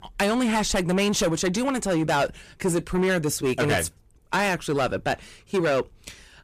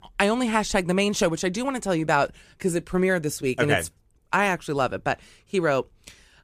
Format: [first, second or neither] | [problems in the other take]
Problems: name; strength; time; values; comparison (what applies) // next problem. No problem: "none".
second | distortion; heavy; 7 dB below the speech